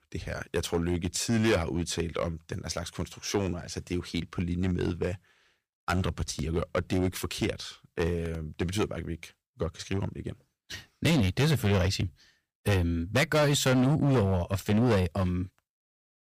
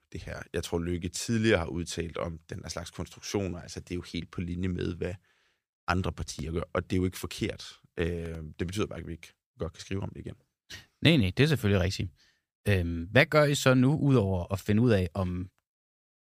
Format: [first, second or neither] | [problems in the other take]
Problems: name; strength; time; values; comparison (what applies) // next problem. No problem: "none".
second | distortion; heavy; 7% of the sound clipped